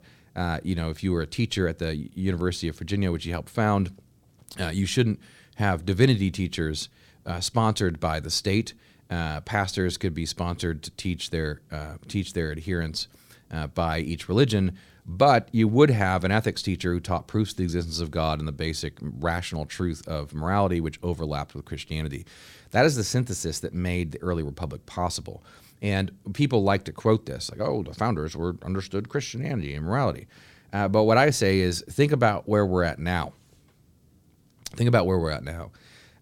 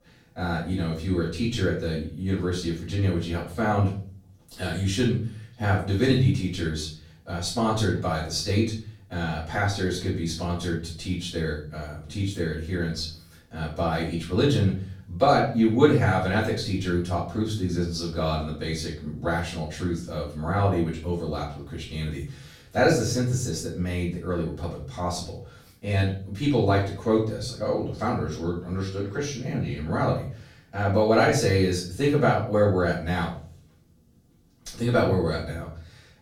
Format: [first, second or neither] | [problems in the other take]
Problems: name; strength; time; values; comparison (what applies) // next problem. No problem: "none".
first | off-mic speech; far // room echo; noticeable; dies away in 0.4 s